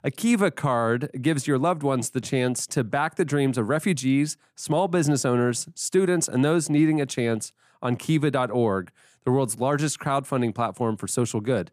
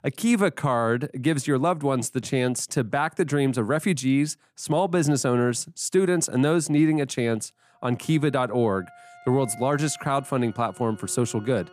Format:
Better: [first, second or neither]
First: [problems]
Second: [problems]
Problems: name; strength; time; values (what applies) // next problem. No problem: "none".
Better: first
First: none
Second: background music; faint; from 7.5 s on; 25 dB below the speech